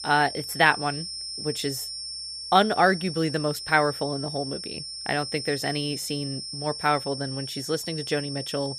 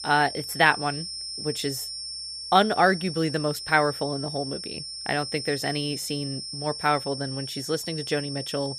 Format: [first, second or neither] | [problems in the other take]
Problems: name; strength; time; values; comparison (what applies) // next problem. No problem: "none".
neither | high-pitched whine; loud; throughout; 5.5 kHz, 7 dB below the speech; the same in both